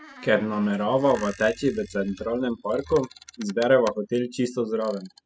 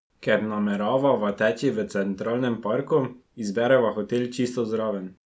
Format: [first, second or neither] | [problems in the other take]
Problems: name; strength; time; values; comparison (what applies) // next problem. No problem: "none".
second | noise reduction (classical method spectral subtraction)